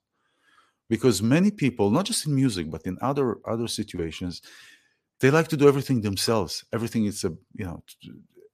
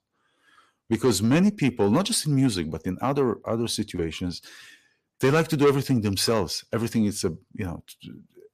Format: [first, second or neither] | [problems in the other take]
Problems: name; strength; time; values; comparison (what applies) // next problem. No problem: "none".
first | distortion; slight; 10 dB below the speech